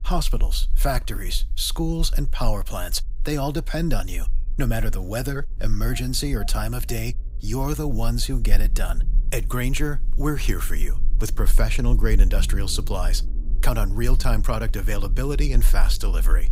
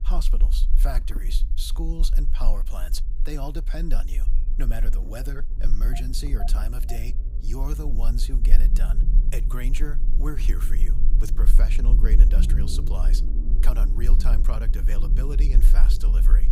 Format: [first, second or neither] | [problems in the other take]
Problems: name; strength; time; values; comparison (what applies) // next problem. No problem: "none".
first | low rumble; loud; throughout; 7 dB below the speech; faint in the first